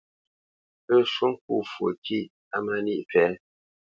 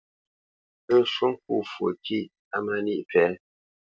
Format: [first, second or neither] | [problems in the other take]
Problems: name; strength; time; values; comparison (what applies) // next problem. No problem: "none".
first | noise reduction (neural separator model SepFormer DNS4)